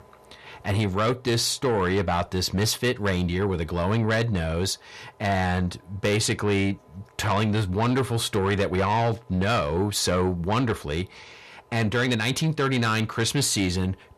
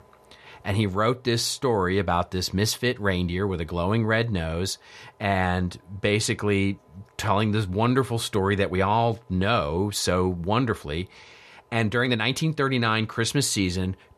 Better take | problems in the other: second | distortion; slight; 10 dB below the speech

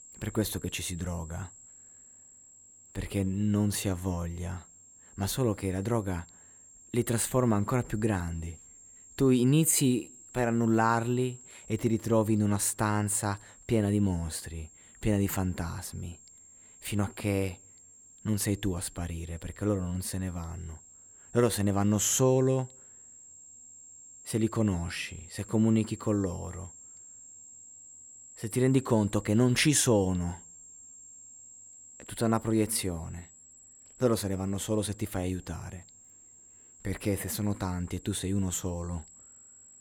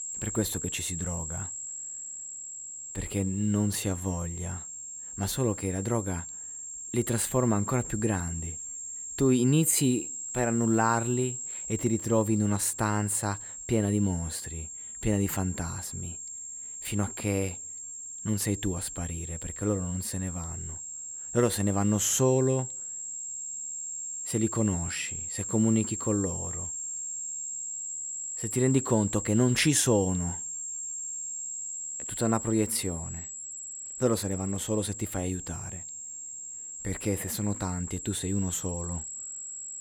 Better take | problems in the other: first | high-pitched whine; loud; throughout; 7.5 kHz, 6 dB below the speech; faint in the first

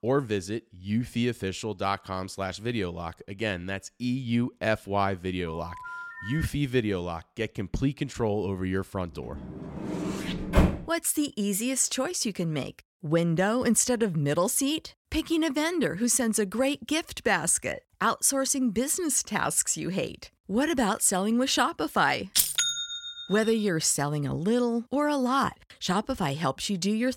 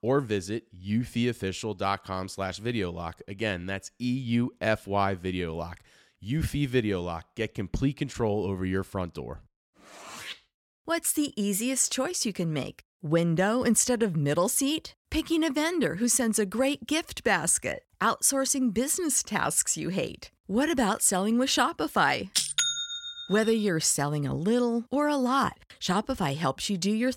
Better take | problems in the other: second | phone ringing; faint; from 5.5 to 6.5 s; peak 10 dB below the speech // door banging; loud; at 10 s; peak 3 dB above the speech // jangling keys; loud; at 22 s; peak 1 dB above the speech

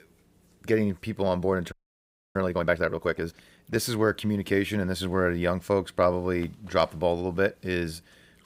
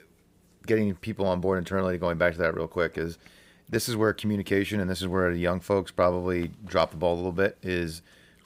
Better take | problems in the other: second | audio freezing; at 1.5 s for 0.5 s

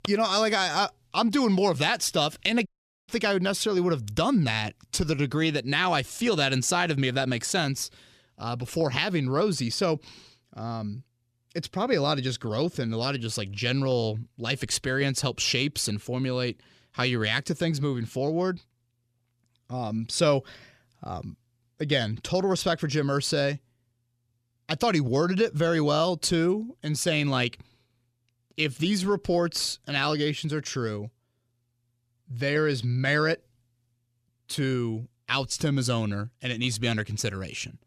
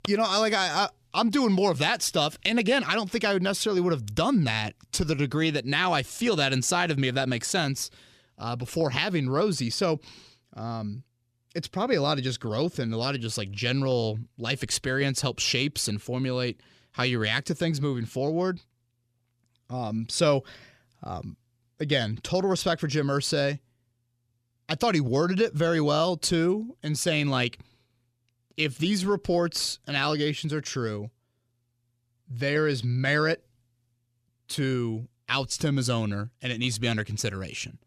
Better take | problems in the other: second | audio cutting out; at 2.5 s

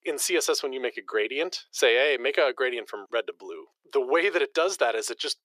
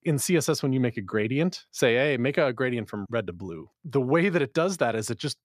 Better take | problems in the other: second | thin; very; fading below 400 Hz

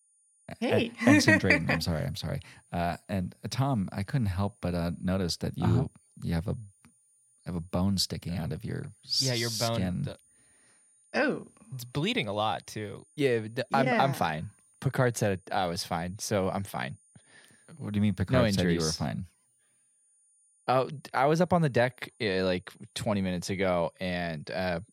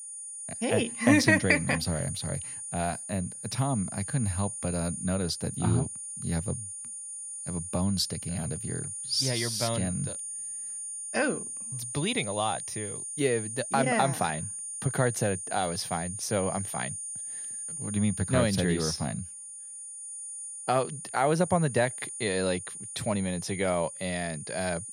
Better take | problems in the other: first | high-pitched whine; loud; throughout; 9 kHz, 6 dB below the speech; faint in the first

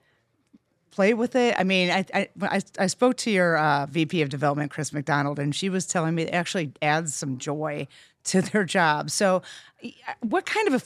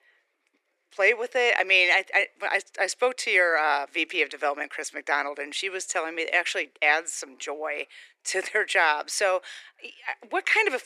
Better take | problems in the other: first | thin; very; fading below 350 Hz

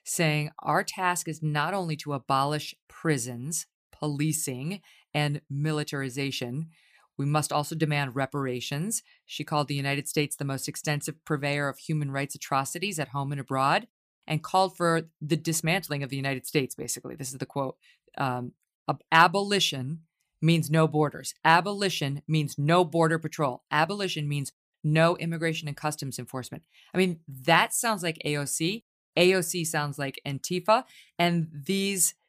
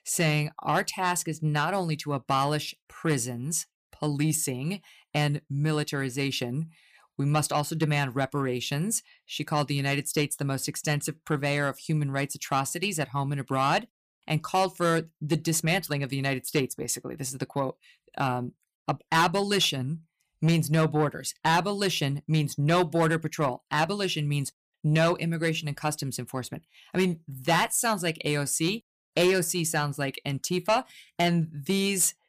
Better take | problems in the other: first | distortion; slight; 10 dB below the speech

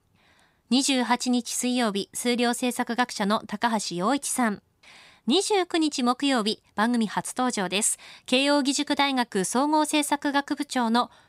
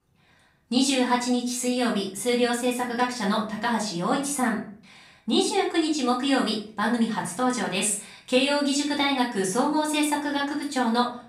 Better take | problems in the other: first | off-mic speech; far // room echo; slight; dies away in 0.5 s

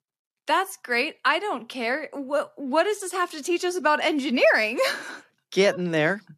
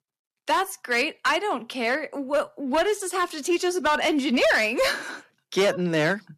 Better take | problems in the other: first | distortion; slight; 6% of the sound clipped

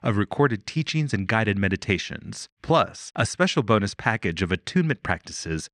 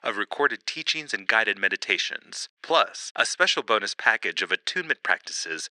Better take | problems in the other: first | thin; very; fading below 400 Hz

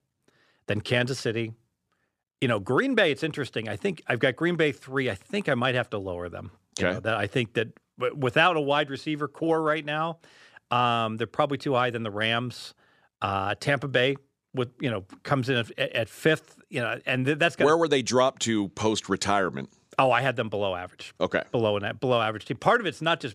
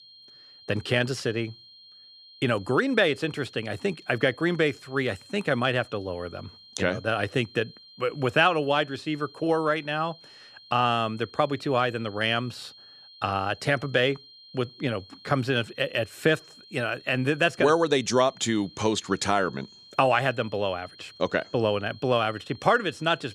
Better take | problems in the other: first | high-pitched whine; faint; throughout; 4 kHz, 20 dB below the speech

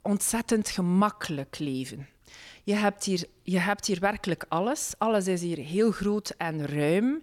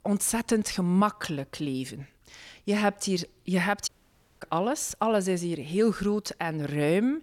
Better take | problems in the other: first | audio cutting out; at 4 s for 0.5 s

